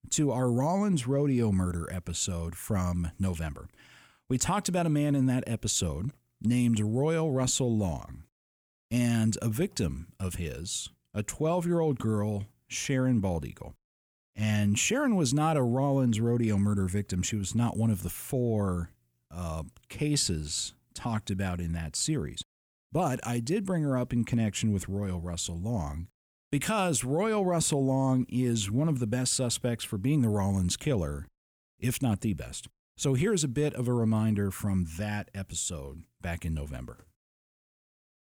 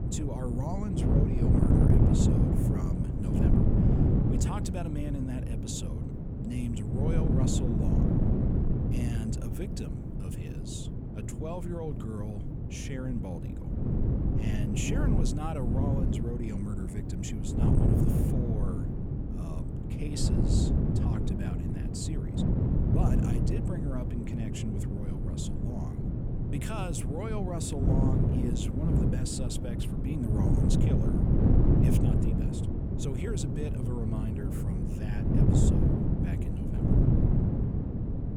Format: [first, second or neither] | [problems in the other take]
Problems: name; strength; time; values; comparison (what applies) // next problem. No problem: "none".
first | wind noise on the microphone; heavy; 4 dB above the speech